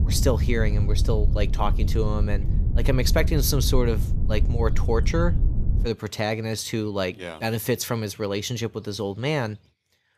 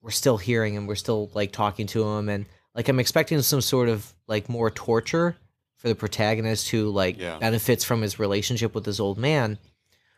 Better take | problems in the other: second | wind noise on the microphone; occasional gusts; until 6 s; 10 dB below the speech

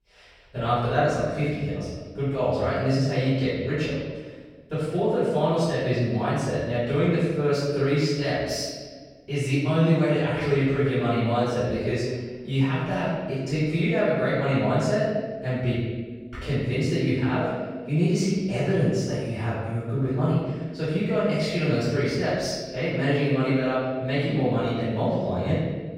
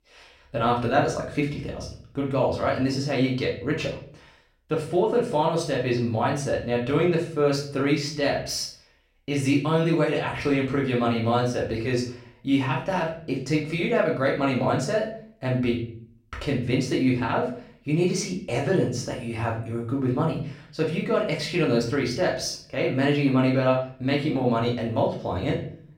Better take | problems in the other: second | room echo; strong; dies away in 1.4 s; slight in the second // off-mic speech; far; far in the second

